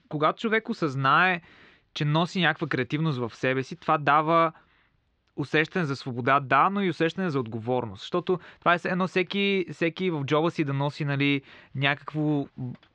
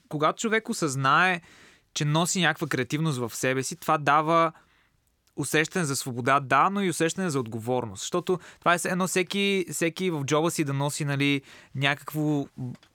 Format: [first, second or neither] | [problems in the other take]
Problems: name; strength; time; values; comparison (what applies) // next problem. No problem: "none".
second | muffled; slightly; fading above 4 kHz